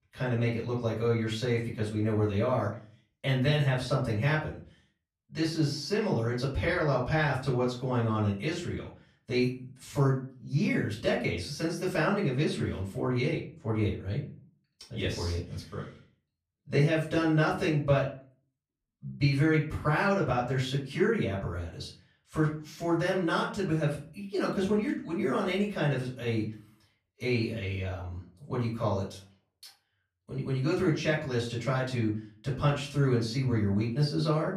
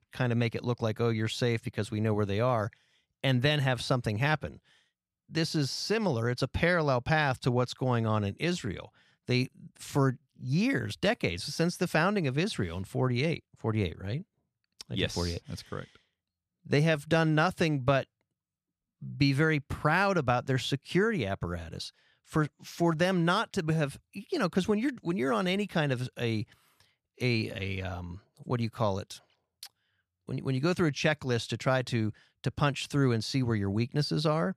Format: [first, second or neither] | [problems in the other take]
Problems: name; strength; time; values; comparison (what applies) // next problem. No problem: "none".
second | off-mic speech; far // room echo; slight; dies away in 0.4 s